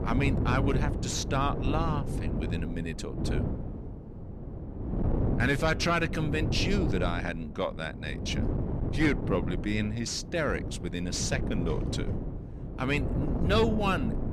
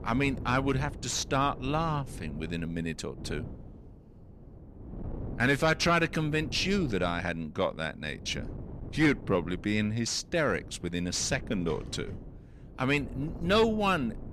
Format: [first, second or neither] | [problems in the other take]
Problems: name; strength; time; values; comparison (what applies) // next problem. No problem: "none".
second | wind noise on the microphone; heavy; 8 dB below the speech; occasional gusts in the second